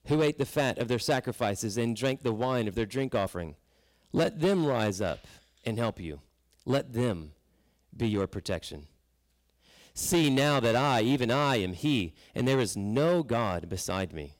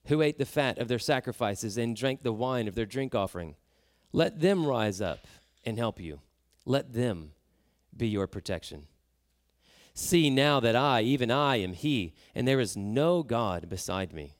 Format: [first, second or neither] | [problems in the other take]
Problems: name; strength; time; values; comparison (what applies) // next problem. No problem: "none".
second | distortion; slight; 5% of the sound clipped